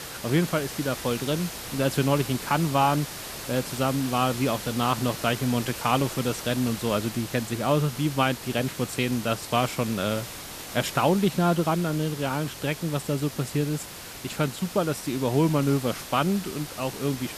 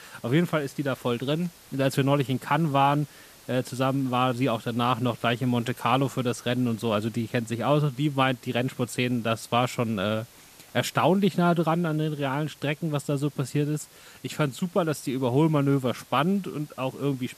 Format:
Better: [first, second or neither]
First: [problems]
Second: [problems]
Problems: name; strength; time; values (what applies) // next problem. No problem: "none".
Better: second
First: hiss; loud; throughout; 10 dB below the speech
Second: hiss; faint; throughout; 25 dB below the speech